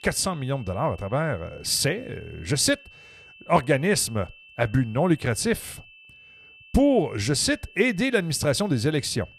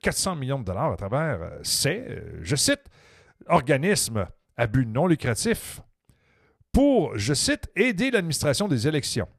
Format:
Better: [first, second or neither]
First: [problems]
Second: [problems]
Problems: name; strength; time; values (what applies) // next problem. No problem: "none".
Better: second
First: high-pitched whine; faint; throughout; 2.5 kHz, 25 dB below the speech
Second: none